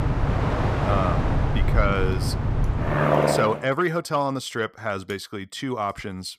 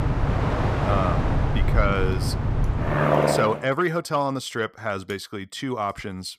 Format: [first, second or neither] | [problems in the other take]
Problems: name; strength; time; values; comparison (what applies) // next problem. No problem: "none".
neither | train or aircraft noise; very loud; until 3.5 s; 3 dB above the speech; the same in both